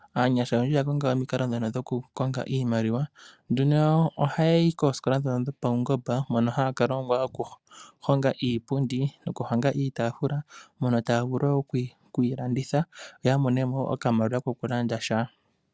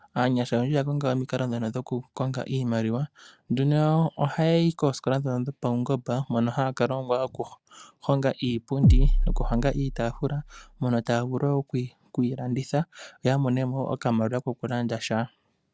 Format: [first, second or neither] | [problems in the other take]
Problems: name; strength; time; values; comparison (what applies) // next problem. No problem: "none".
first | background sound (Bass drum); 3 dB above the speech